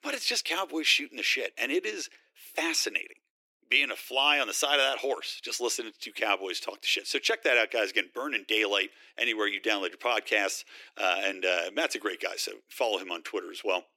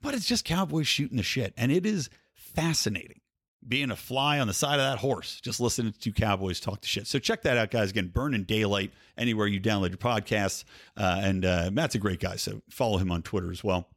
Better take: second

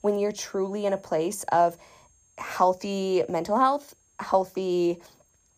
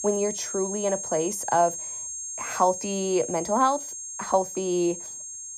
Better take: first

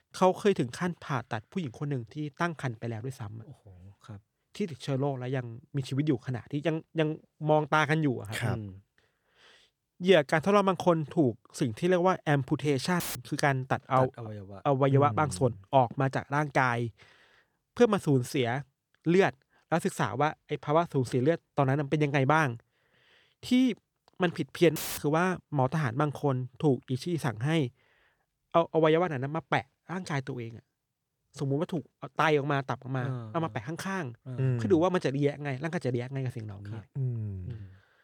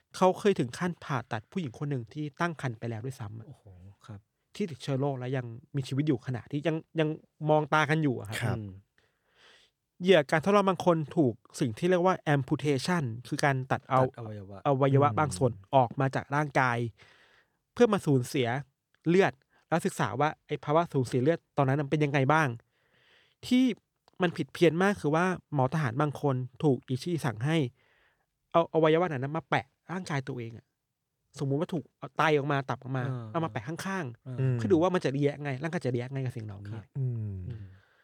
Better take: second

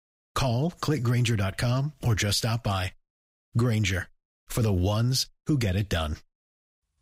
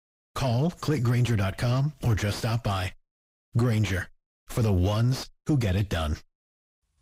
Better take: first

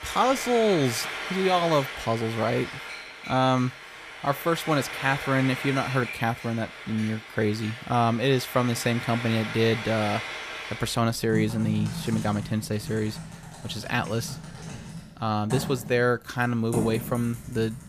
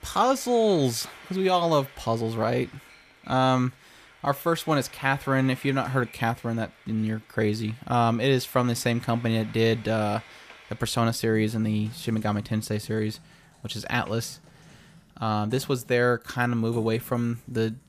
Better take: second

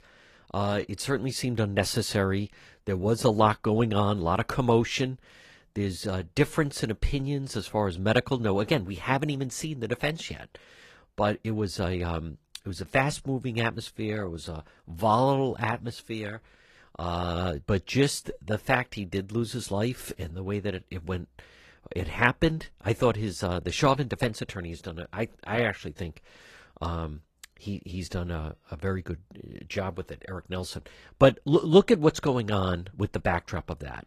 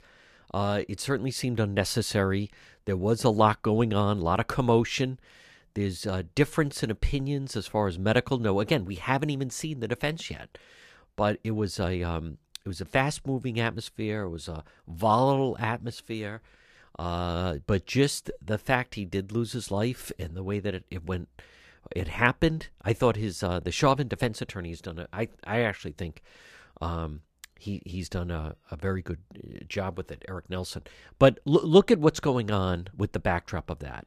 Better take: second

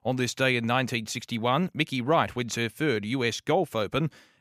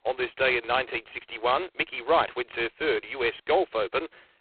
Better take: first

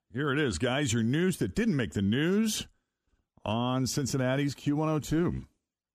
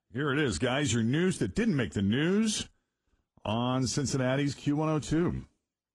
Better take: first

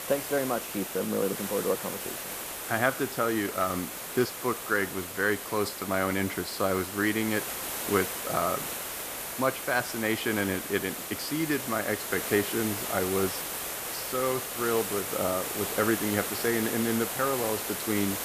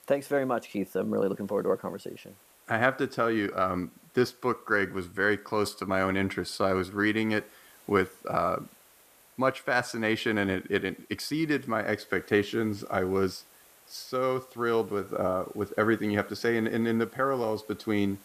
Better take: second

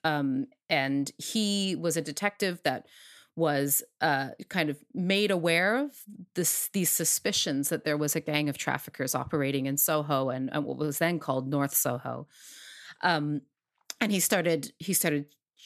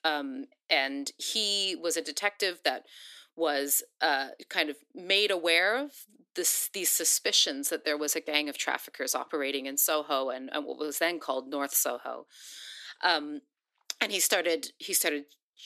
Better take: first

